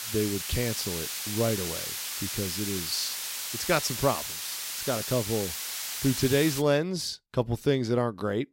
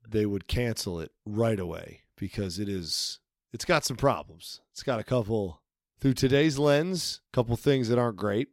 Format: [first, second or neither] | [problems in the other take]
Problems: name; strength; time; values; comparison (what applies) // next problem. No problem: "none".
second | hiss; loud; until 6.5 s; 3 dB below the speech